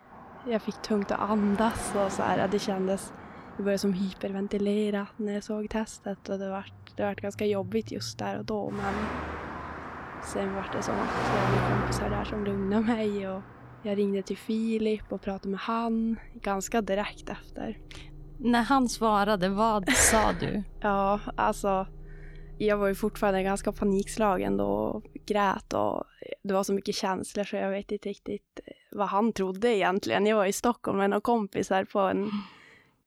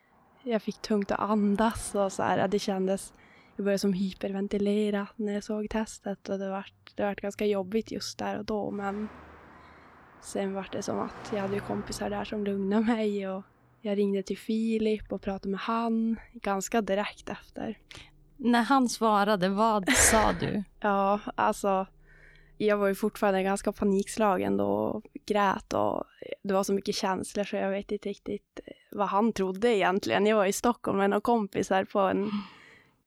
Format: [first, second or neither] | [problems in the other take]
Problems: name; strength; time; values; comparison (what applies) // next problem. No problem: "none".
second | traffic noise; loud; until 25 s; 9 dB below the speech; faint in the second